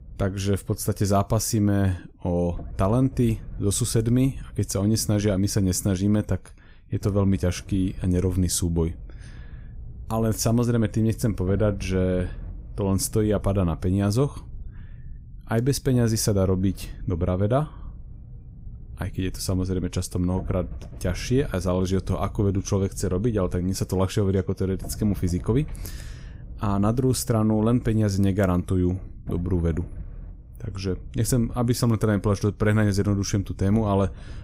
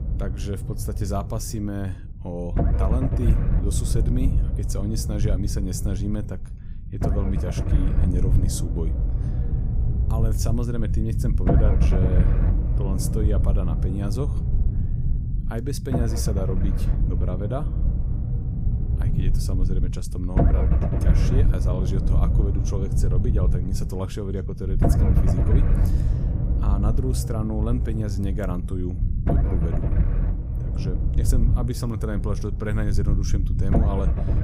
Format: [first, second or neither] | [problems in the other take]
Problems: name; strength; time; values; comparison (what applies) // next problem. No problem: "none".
first | low rumble; loud; throughout; 1 dB below the speech; faint in the first